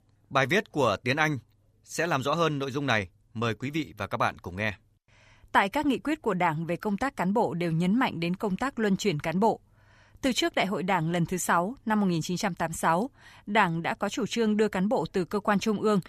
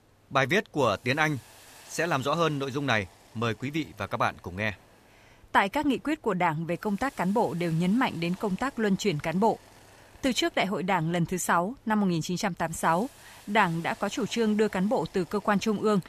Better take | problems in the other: first | hiss; faint; throughout; 25 dB below the speech

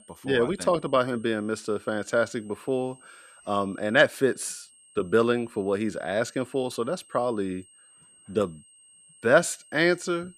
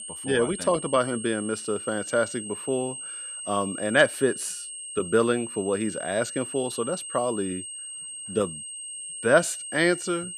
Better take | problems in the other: first | high-pitched whine; loud; throughout; 8.5 kHz, 8 dB below the speech; faint in the first

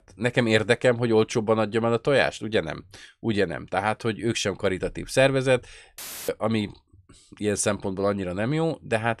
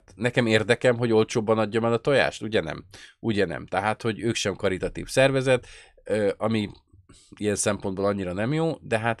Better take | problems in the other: second | audio cutting out; filled with static; at 6 s

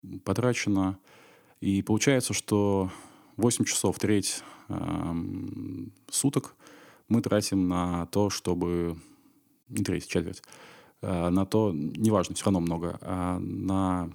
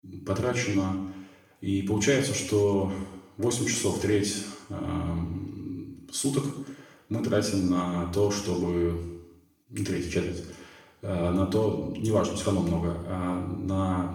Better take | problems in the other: first | room echo; noticeable; dies away in 0.7 s // off-mic speech; far

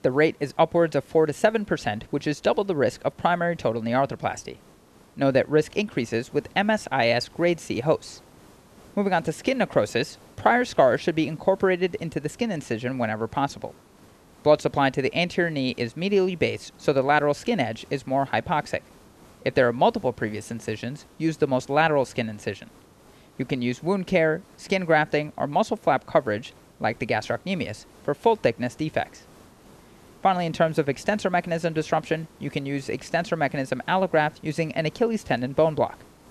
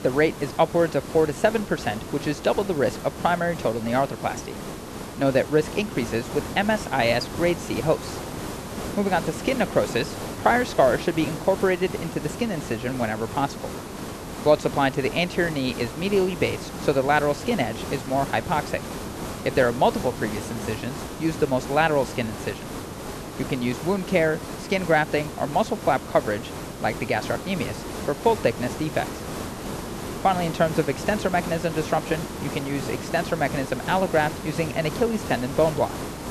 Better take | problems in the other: first | hiss; loud; throughout; 9 dB below the speech; faint in the first

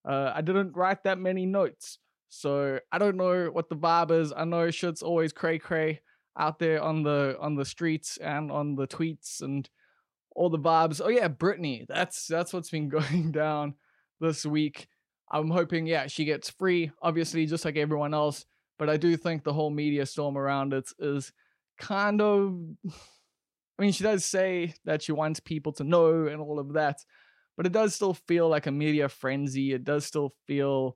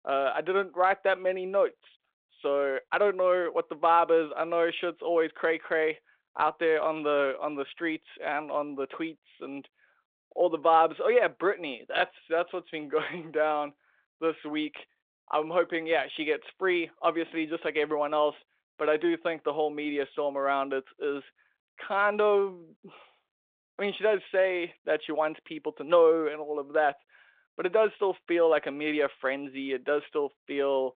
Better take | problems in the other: first | phone-call audio

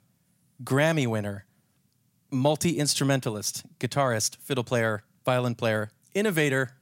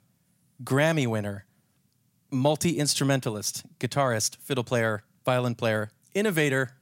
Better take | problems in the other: neither | none

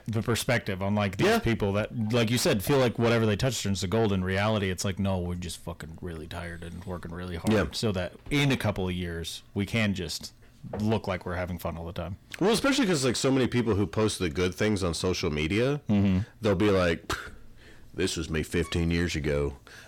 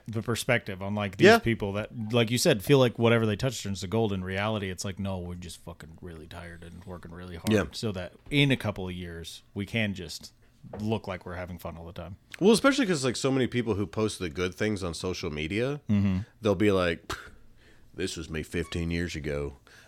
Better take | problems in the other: second | distortion; heavy; 6 dB below the speech

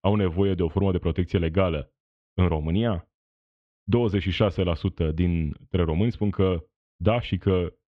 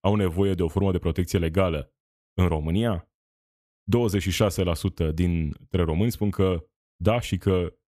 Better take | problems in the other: second | muffled; slightly; fading above 3.5 kHz

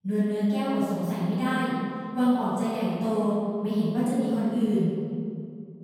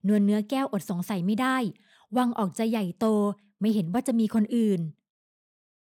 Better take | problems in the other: second | room echo; strong; dies away in 2 s // off-mic speech; far

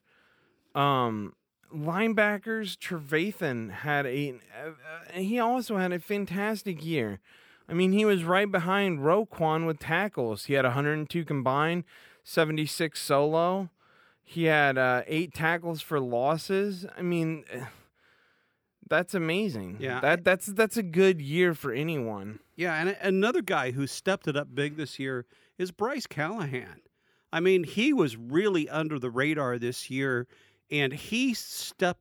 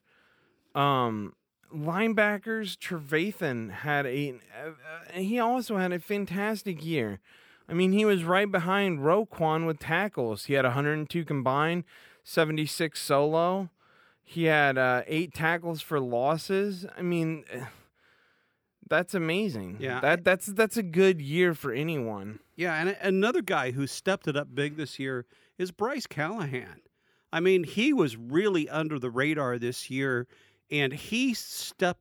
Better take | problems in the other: neither | none

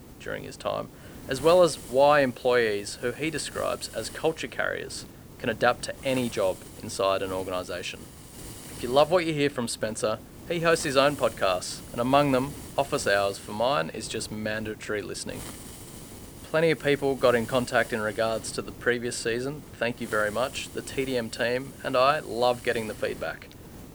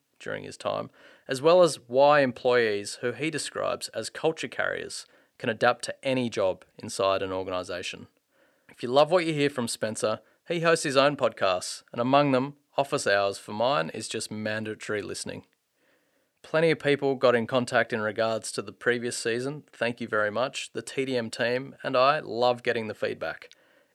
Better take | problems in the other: second | hiss; noticeable; throughout; 15 dB below the speech

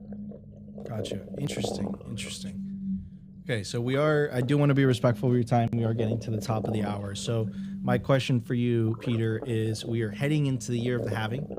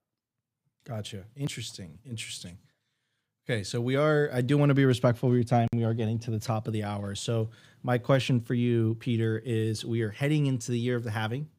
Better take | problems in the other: second | low rumble; noticeable; throughout; 10 dB below the speech

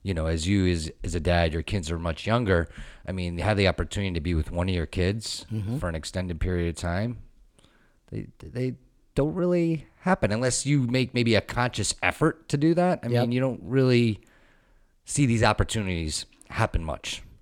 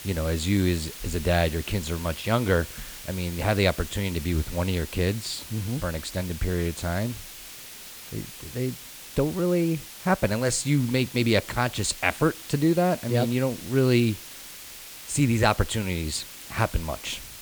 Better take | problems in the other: first | hiss; noticeable; throughout; 15 dB below the speech

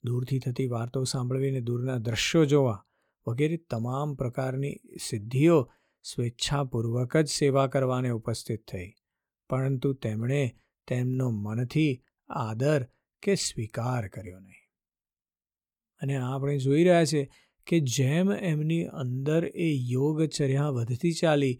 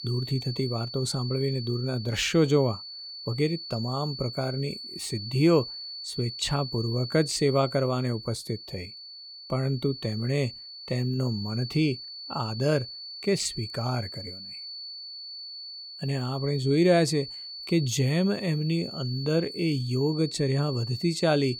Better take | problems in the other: first | high-pitched whine; loud; throughout; 4.5 kHz, 10 dB below the speech

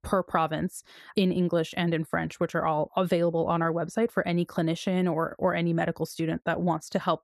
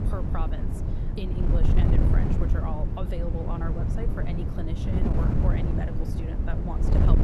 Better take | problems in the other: first | wind noise on the microphone; heavy; 1 dB above the speech

